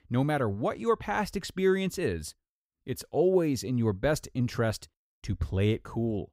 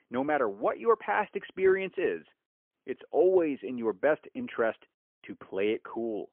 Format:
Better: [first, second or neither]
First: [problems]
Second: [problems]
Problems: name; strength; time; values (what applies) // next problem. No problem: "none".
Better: first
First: none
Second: phone-call audio; poor line